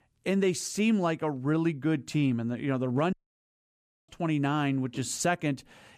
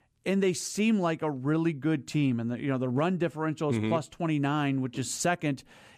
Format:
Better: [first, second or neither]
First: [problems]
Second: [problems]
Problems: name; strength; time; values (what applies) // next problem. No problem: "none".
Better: second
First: audio cutting out; at 3 s for 1 s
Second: none